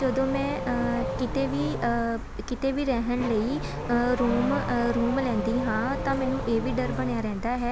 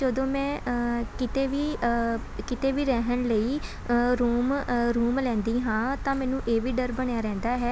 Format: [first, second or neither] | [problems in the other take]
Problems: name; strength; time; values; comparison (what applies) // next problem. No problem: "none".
second | background sound (Accelerating, revving, vroom / Car); 6 dB below the speech